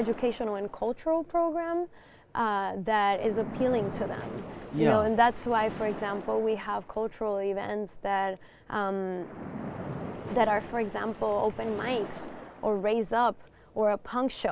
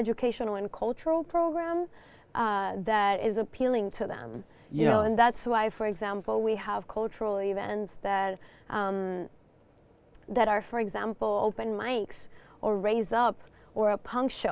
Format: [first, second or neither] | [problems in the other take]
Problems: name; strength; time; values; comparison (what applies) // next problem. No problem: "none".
second | background sound (Splash, splatter); 14 dB below the speech